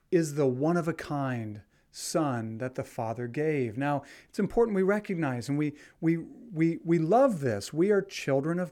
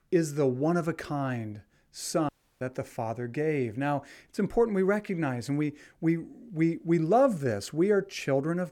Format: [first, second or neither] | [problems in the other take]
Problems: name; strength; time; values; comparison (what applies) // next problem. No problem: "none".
first | audio cutting out; at 2.5 s